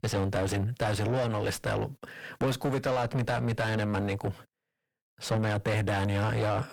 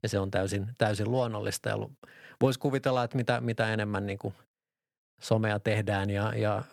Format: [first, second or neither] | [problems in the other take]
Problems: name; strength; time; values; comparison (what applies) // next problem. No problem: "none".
second | distortion; heavy; 5 dB below the speech